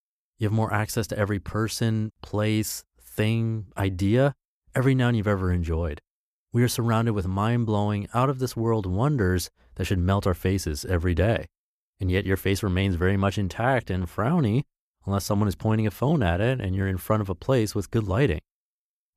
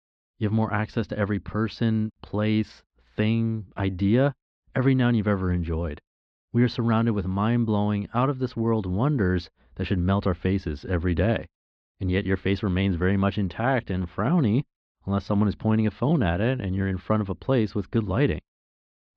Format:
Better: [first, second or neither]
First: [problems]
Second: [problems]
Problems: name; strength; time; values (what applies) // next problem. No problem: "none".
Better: first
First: none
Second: muffled; slightly; fading above 4 kHz